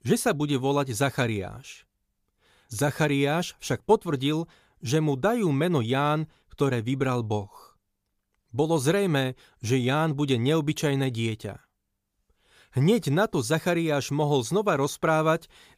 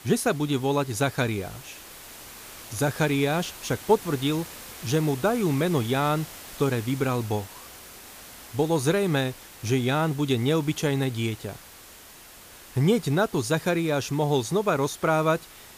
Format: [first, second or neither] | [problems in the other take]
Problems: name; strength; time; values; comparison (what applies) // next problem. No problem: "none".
first | hiss; noticeable; throughout; 15 dB below the speech